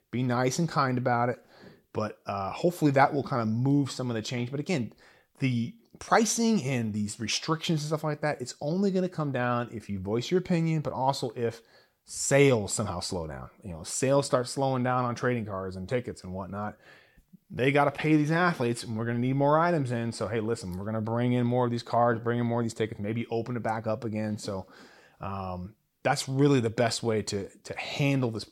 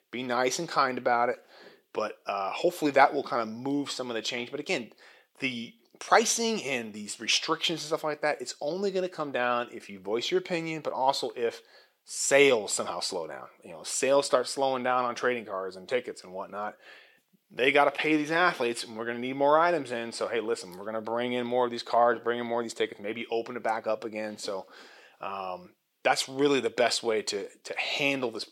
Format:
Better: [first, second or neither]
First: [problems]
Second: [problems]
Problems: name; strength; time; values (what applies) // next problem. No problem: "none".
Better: first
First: none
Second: thin; somewhat; fading below 400 Hz